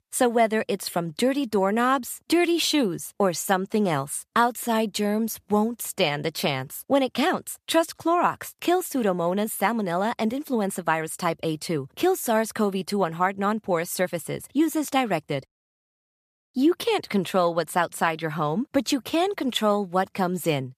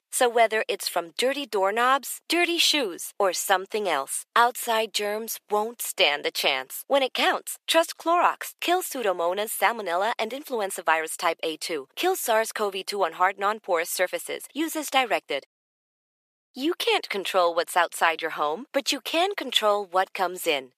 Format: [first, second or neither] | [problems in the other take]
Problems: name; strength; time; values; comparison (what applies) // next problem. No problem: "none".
first | thin; somewhat; fading below 400 Hz